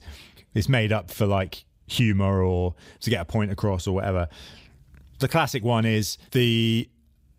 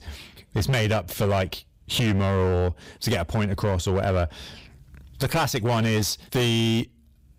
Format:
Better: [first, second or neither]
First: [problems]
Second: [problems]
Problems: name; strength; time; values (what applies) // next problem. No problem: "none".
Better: first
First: none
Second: distortion; heavy; 18% of the sound clipped